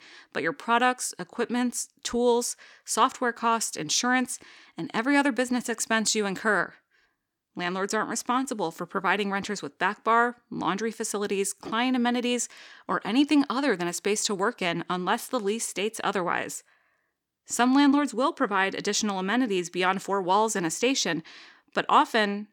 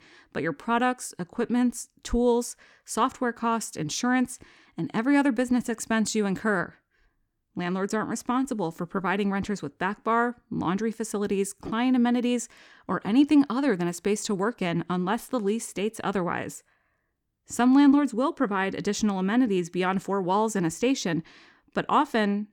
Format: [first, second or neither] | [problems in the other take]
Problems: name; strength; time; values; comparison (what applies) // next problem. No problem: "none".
second | thin; very slightly; fading below 1 kHz